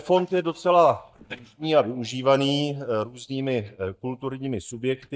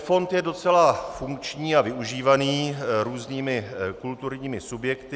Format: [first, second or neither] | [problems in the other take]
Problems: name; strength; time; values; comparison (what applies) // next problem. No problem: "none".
second | noise reduction (neural mask model DeepFilterNet 3)